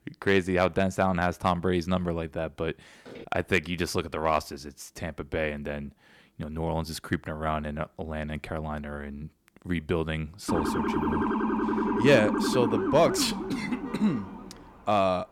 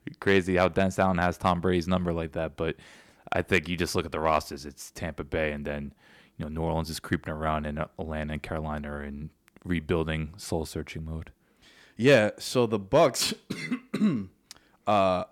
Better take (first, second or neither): second